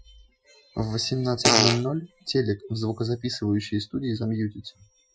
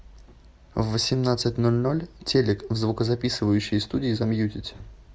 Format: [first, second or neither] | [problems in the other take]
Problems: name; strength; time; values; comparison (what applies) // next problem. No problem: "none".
second | noise reduction (classical method Wiener filter)